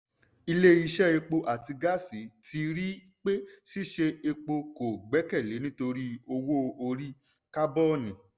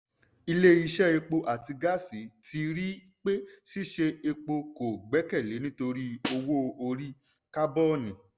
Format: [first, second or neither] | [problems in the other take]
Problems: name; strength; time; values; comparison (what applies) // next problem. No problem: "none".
first | background sound (Snare drum); 12 dB below the speech